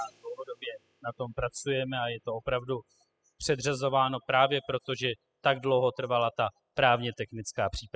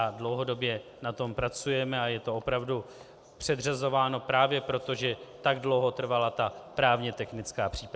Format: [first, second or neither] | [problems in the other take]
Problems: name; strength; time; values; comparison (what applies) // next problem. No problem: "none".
second | noise reduction (classical method spectral subtraction)